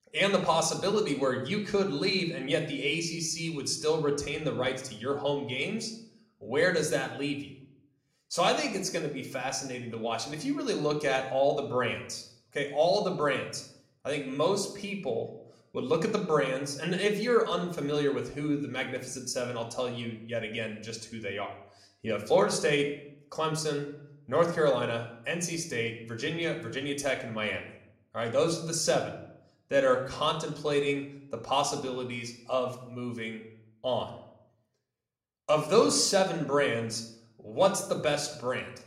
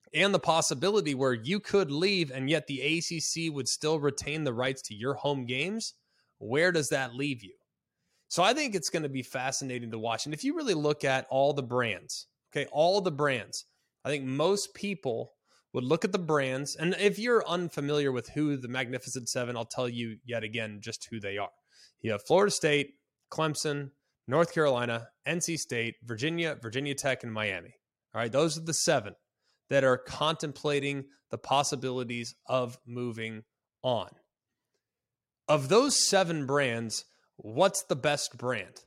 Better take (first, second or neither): second